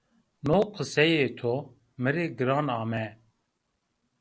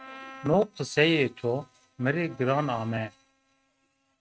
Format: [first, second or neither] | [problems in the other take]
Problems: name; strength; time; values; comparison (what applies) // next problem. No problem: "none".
first | noise reduction (neural mask model RNNoise)